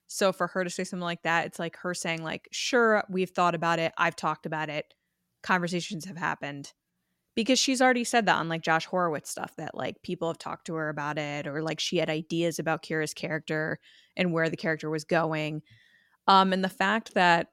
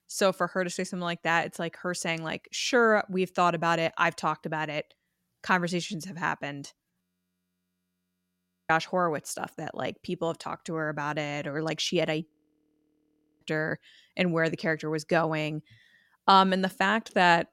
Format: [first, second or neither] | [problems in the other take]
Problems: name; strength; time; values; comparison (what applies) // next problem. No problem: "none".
first | audio freezing; at 7 s for 1.5 s and at 12 s for 1 s